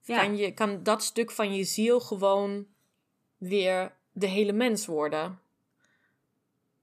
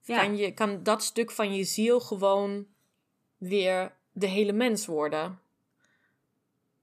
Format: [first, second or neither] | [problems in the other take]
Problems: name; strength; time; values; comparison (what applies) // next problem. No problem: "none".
neither | none